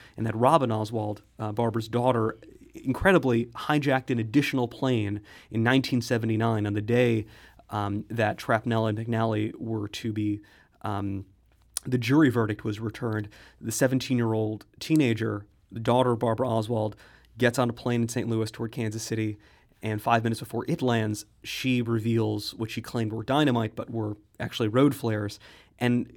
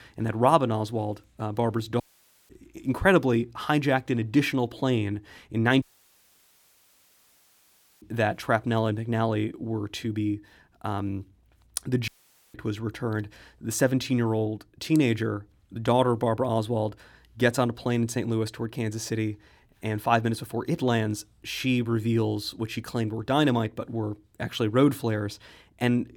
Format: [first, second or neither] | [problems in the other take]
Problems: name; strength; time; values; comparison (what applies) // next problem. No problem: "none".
first | audio cutting out; at 2 s, at 6 s for 2 s and at 12 s